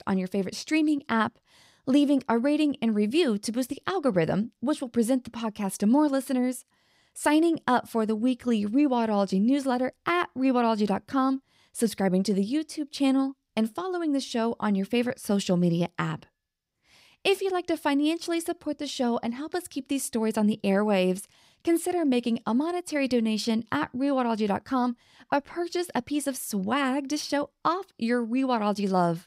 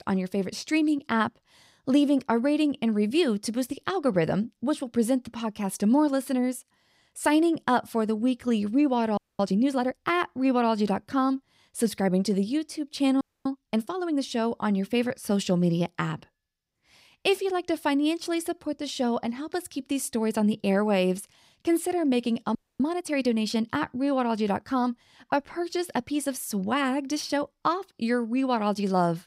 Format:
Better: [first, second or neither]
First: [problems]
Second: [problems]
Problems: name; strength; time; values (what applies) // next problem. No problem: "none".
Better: first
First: none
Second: audio freezing; at 9 s, at 13 s and at 23 s